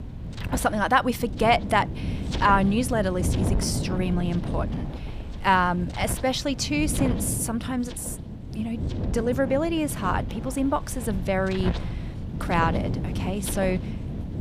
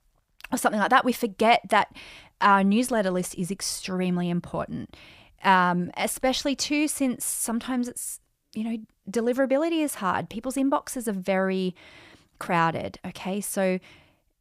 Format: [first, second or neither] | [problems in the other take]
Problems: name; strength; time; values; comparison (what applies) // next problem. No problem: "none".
second | wind noise on the microphone; occasional gusts; 15 dB below the speech